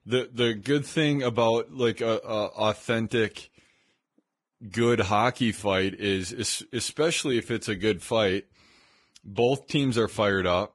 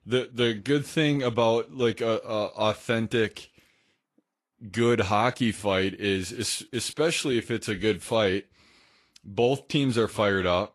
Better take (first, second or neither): second